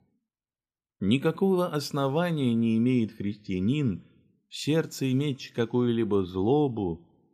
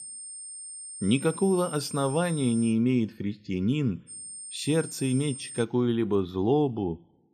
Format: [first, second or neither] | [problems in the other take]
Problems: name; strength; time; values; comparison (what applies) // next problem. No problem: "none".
first | high-pitched whine; noticeable; until 2.5 s and from 4 to 5.5 s; 8.5 kHz, 10 dB below the speech